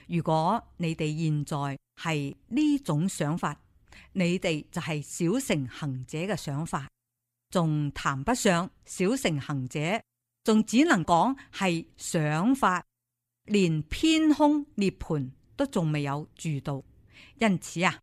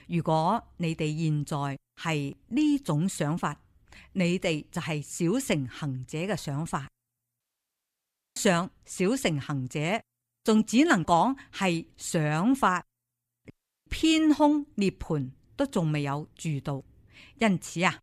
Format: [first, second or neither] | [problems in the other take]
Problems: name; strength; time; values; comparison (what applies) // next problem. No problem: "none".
first | audio cutting out; at 7.5 s for 1 s and at 14 s